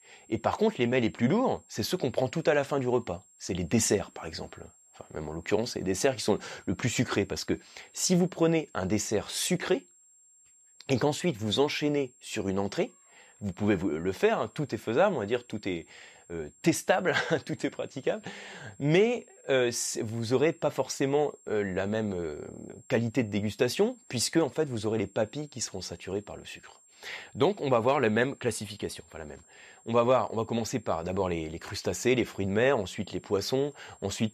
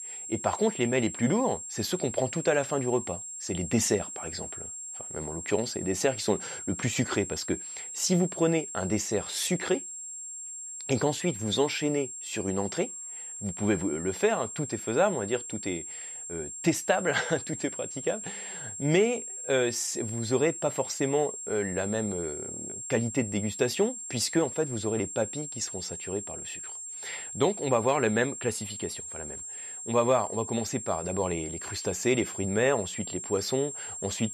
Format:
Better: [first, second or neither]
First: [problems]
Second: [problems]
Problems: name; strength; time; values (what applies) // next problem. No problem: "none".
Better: first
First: high-pitched whine; faint; throughout; 7.5 kHz, 30 dB below the speech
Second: high-pitched whine; loud; throughout; 7.5 kHz, 7 dB below the speech